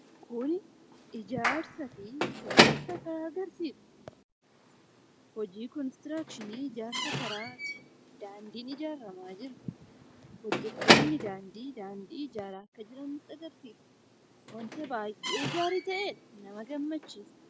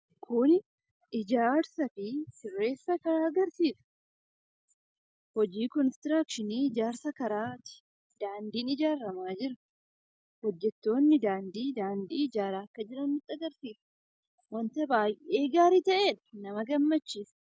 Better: second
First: background sound (Clapping + Squeak / Slam / Wood); 5 dB above the speech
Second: none

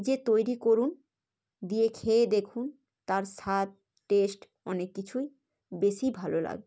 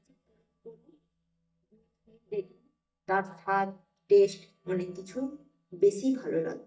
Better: first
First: none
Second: noise reduction (neural mask model DeepFilterNet 3)

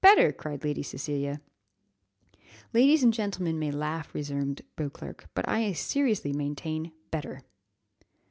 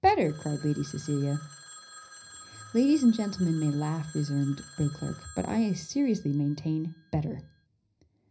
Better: first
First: none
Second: background sound (Telephone); 20 dB below the speech // room echo; dies away in 0.4 s

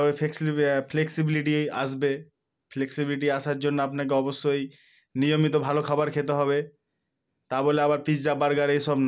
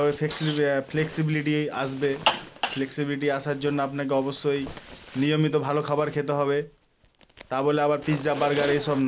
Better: first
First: none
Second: background sound (Zipper (clothing)); 11 dB below the speech

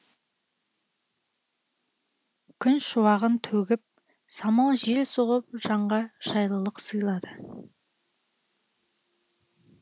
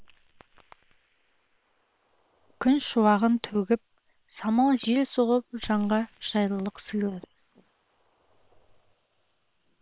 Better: first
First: none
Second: noise reduction (neural separator model SepFormer WHAM!)

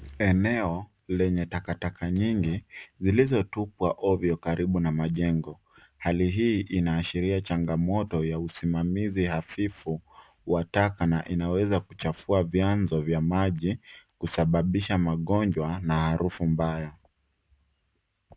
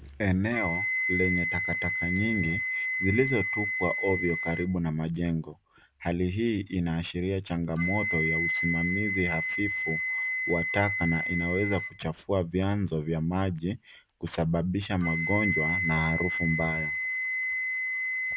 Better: first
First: none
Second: background sound (Wind instrument, woodwind instrument); 2 dB below the speech

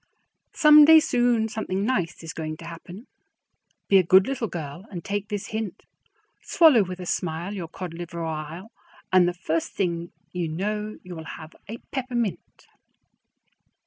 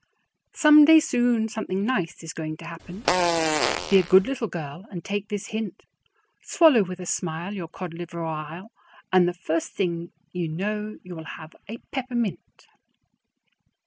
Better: first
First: none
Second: background sound (Fart); as loud as the speech

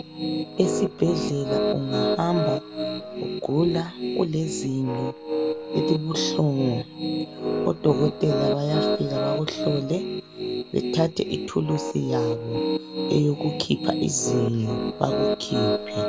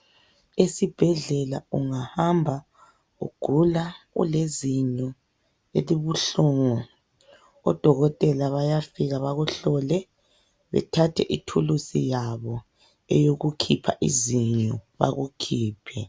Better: second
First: background sound (Piano); 1 dB below the speech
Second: none

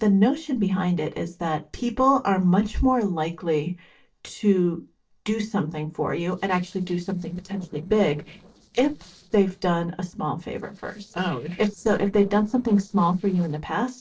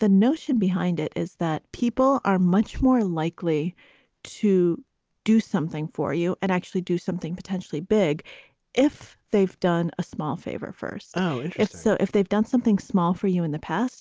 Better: second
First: noise reduction (neural separator model SepFormer DNS4)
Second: none

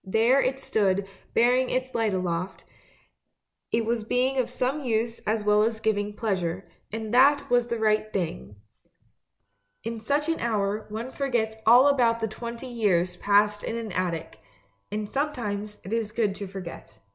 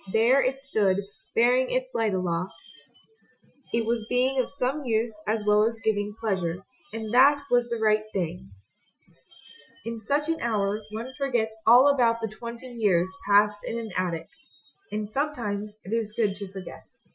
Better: first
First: none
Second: noise reduction (classical method Wiener filter)

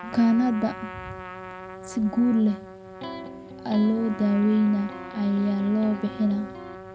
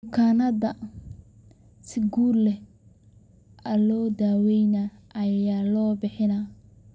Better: second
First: background sound (Electric guitar + Trumpet); 13 dB below the speech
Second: none

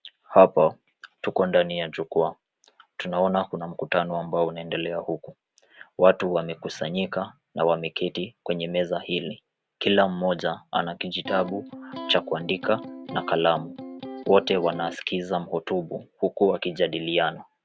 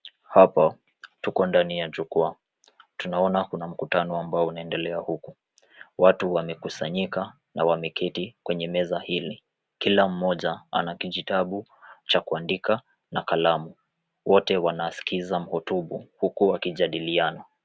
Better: second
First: background sound (Electric guitar); 12 dB below the speech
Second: none

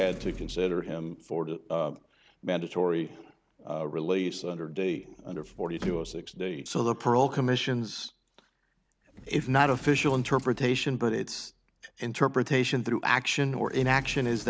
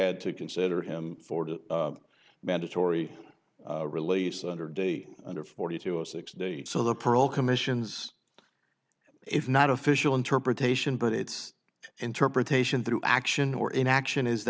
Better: second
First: background sound (Sliding door); 19 dB below the speech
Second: none

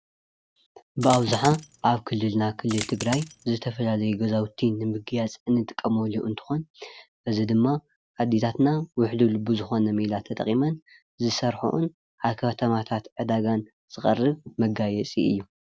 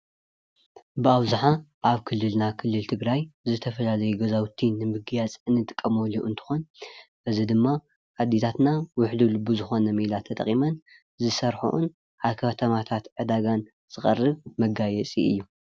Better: second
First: background sound (Coin (dropping)); 10 dB below the speech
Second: none

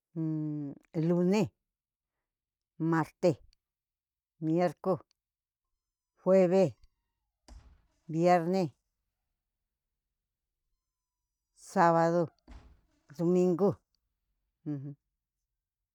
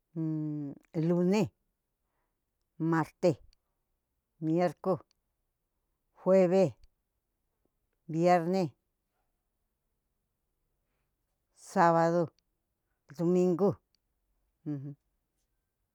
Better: second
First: noise reduction (neural mask model DeepFilterNet 3)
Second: none

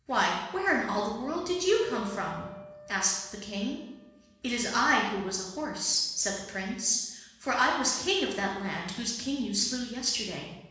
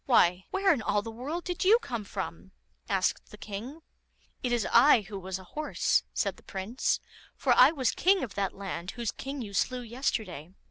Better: second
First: background sound (Wind instrument, woodwind instrument); 20 dB below the speech // room echo; dies away in 1.1 s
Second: none

